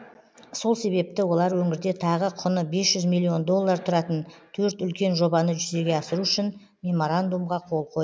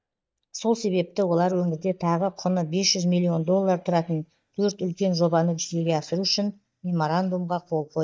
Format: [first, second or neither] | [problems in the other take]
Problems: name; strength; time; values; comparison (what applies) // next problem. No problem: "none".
first | noise reduction (neural mask model DeepFilterNet 3)